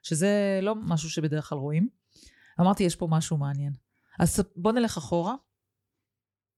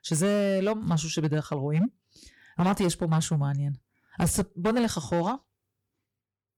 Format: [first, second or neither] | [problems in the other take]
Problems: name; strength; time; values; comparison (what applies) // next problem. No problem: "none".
first | distortion; slight; 9% of the sound clipped